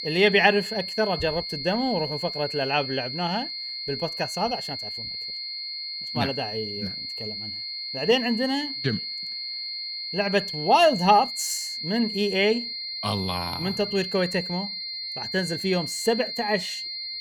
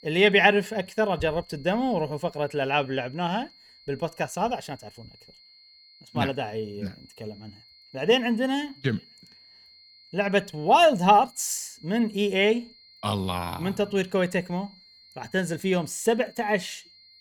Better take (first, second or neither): second